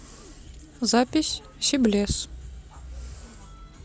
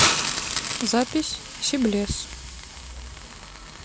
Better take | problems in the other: first | background sound (Hiss); 1 dB below the speech

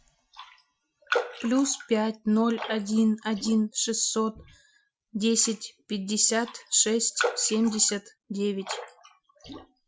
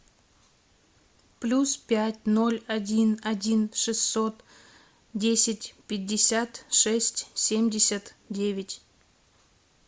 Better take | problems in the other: second | noise reduction (classical method Wiener filter)

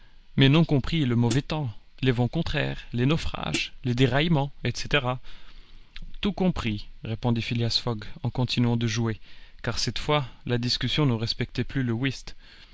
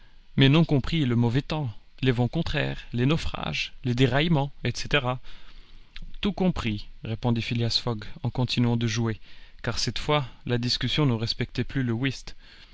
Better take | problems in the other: second | background sound (Hi-hat); 9 dB below the speech

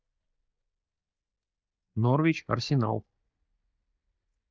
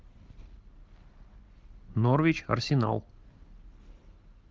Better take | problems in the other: second | noise reduction (neural mask model DeepFilterNet 3)

